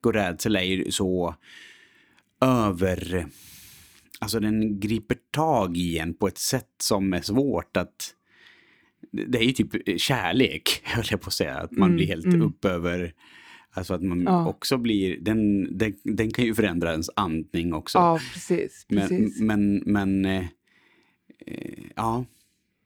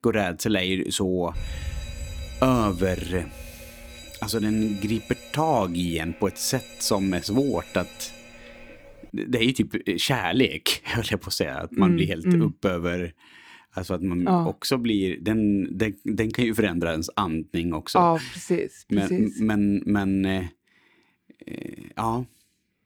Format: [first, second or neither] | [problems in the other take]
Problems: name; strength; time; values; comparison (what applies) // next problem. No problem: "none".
first | alarm; noticeable; from 1.5 to 9 s; peak 9 dB below the speech